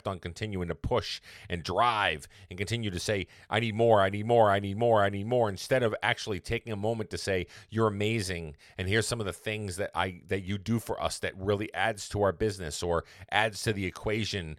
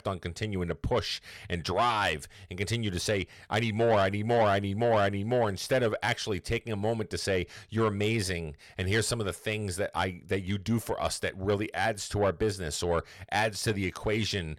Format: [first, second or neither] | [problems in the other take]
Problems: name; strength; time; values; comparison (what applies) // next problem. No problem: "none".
first | distortion; slight; 10 dB below the speech